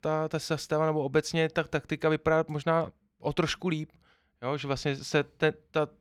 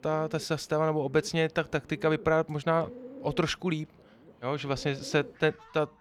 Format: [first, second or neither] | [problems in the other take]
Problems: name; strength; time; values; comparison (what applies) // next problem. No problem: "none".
first | animal sounds; noticeable; throughout; 20 dB below the speech